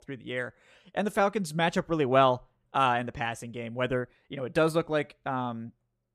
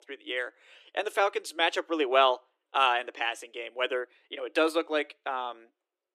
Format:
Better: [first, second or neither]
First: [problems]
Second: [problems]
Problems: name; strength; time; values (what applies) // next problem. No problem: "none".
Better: first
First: none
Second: thin; very; fading below 300 Hz